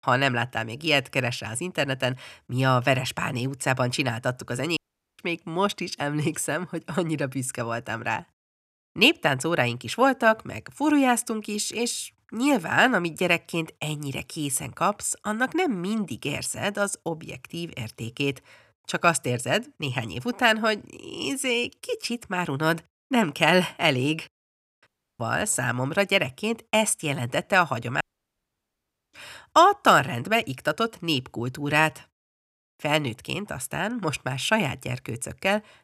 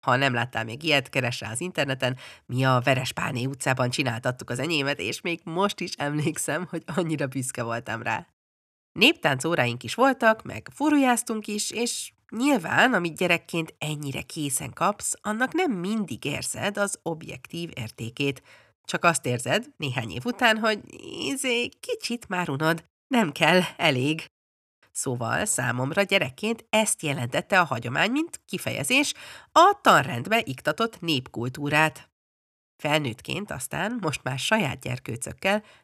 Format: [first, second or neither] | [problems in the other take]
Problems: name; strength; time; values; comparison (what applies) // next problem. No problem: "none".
second | audio cutting out; at 5 s, at 25 s and at 28 s for 1 s